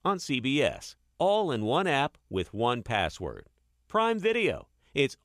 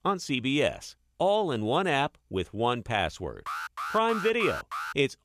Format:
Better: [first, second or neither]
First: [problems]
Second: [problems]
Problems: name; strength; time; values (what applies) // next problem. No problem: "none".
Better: first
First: none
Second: alarm; noticeable; from 3.5 s on; peak 6 dB below the speech